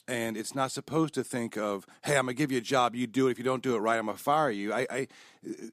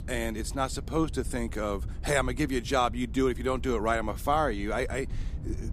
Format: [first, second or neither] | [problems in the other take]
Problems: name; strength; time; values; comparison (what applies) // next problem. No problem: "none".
first | low rumble; faint; throughout; 25 dB below the speech